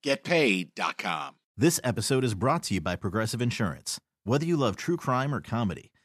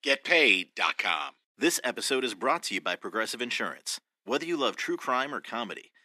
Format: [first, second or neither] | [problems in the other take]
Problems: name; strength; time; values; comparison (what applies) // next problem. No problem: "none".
first | thin; somewhat; fading below 300 Hz